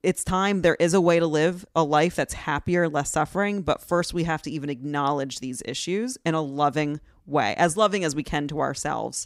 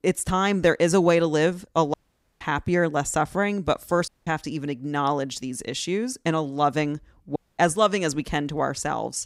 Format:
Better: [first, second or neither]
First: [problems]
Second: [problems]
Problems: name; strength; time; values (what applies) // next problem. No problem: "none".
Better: first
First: none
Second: audio cutting out; at 2 s, at 4 s and at 7.5 s